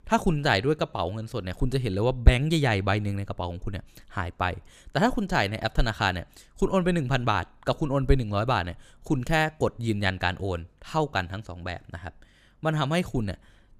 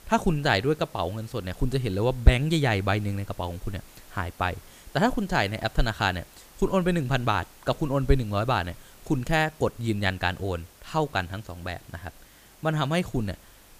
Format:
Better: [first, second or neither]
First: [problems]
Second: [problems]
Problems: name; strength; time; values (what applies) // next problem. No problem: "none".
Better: first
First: none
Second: hiss; faint; throughout; 25 dB below the speech